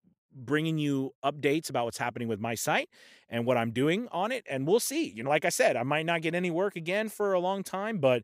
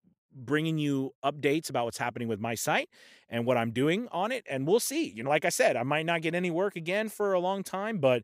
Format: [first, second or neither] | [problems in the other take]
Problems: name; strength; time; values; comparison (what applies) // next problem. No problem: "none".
neither | none